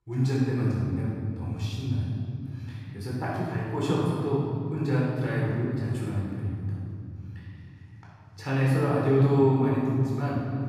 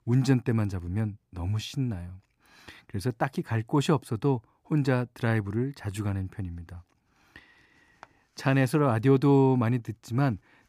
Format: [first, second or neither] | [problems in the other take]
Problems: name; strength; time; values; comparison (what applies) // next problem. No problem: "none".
second | room echo; strong; dies away in 2.9 s // off-mic speech; far